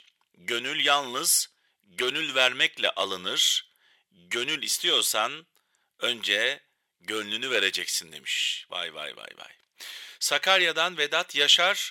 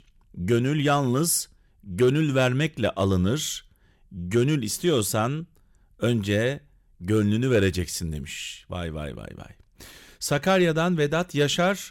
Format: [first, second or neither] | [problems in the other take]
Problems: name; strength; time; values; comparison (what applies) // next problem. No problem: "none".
second | thin; very; fading below 750 Hz